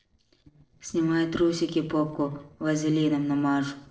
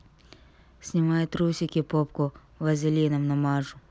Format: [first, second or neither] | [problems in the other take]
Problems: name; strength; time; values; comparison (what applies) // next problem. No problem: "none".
second | noise reduction (neural separator model SepFormer DNS4)